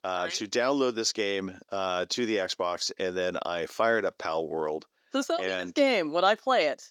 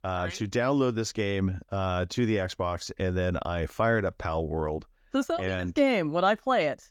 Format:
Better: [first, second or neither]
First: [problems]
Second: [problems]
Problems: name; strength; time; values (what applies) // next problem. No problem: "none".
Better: second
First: thin; very slightly; fading below 350 Hz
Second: none